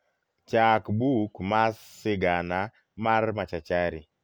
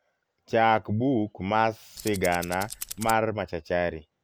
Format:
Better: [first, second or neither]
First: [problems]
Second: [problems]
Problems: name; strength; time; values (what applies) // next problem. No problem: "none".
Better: first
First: none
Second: background sound (Tools); 12 dB below the speech